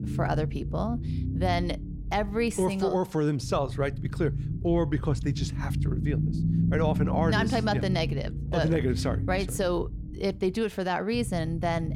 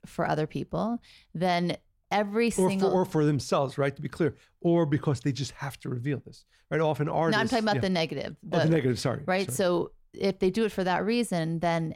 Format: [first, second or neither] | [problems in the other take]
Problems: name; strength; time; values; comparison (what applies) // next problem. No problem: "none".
second | low rumble; noticeable; throughout; 10 dB below the speech